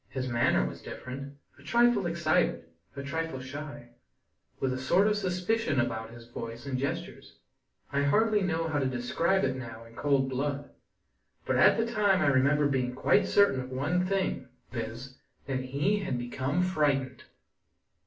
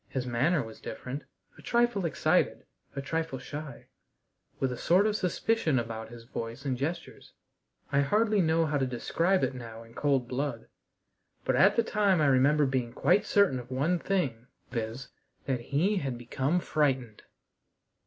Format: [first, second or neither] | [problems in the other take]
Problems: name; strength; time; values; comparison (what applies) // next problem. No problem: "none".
second | room echo; dies away in 0.3 s